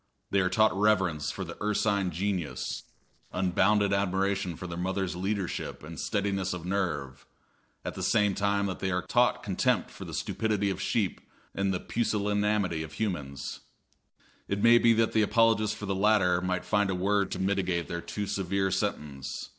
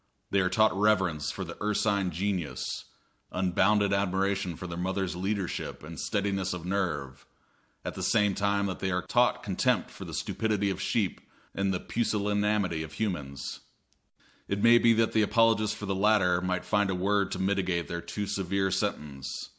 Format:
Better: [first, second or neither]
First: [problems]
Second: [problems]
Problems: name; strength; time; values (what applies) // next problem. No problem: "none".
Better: second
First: noise reduction (neural separator model SepFormer DNS4)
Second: none